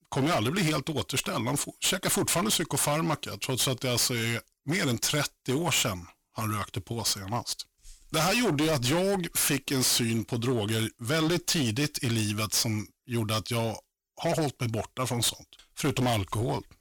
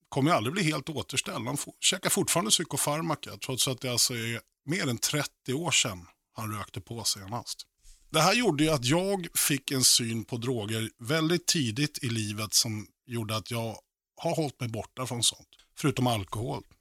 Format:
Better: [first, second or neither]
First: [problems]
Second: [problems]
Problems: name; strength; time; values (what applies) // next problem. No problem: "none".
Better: second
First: distortion; heavy; 17% of the sound clipped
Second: none